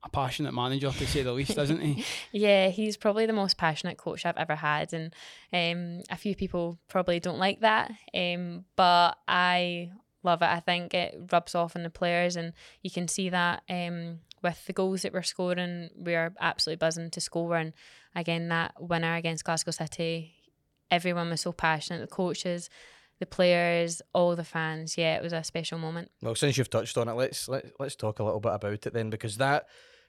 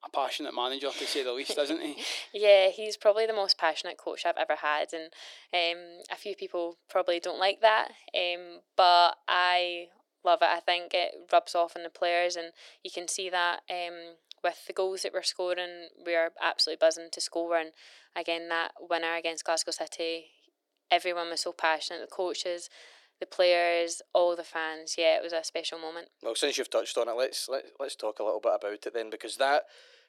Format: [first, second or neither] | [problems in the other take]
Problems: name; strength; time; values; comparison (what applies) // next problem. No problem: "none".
first | thin; very; fading below 300 Hz